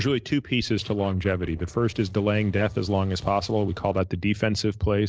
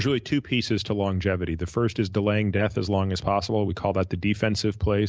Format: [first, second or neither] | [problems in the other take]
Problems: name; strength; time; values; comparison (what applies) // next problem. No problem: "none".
second | noise reduction (neural separator model SepFormer DNS4)